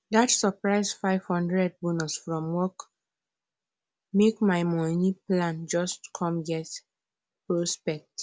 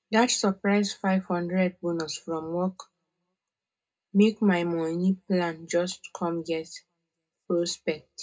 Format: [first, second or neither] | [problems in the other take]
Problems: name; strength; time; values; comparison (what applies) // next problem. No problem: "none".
first | room echo; dies away in 0.2 s